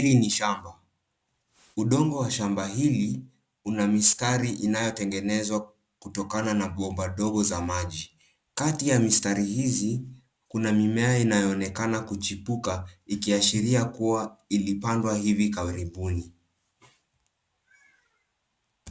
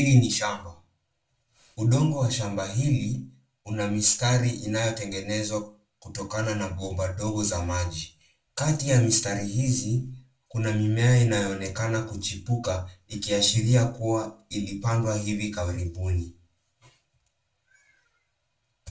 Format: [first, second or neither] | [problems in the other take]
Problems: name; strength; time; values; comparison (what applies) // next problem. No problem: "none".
first | room echo; dies away in 0.2 s